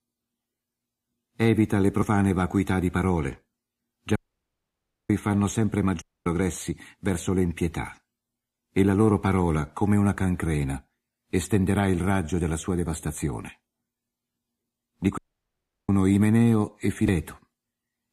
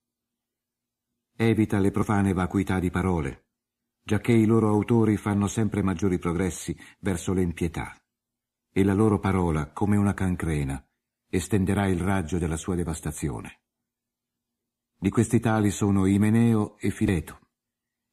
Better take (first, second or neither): second